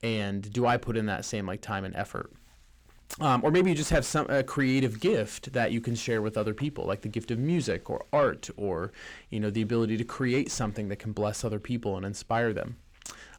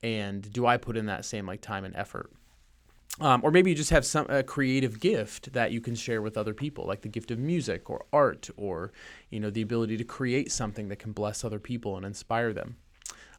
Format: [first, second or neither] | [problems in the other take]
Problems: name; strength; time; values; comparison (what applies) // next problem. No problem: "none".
second | distortion; slight; 10 dB below the speech